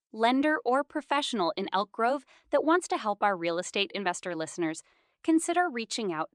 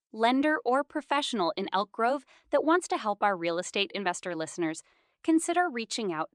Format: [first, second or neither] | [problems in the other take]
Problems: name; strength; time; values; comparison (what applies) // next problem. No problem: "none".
neither | none